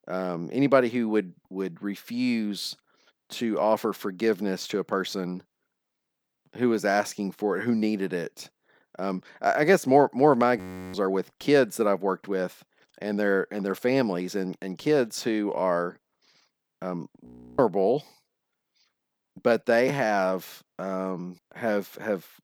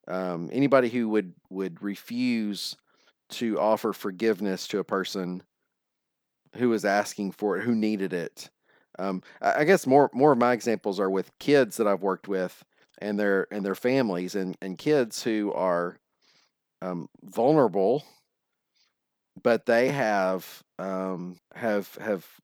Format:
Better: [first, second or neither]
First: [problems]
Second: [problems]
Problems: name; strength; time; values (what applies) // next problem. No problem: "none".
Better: second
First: audio freezing; at 11 s and at 17 s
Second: none